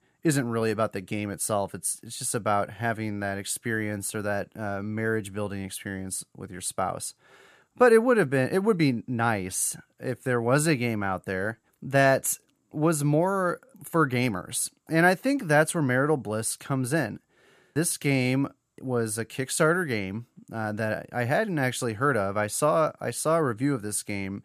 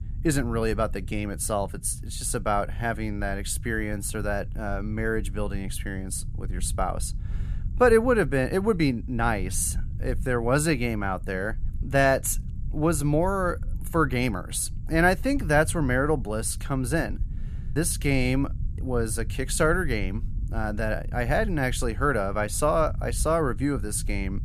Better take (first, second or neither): first